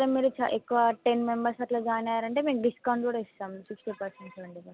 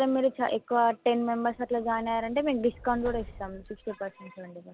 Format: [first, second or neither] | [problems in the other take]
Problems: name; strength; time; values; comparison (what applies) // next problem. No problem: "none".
first | background sound (Subway, metro, underground); 18 dB below the speech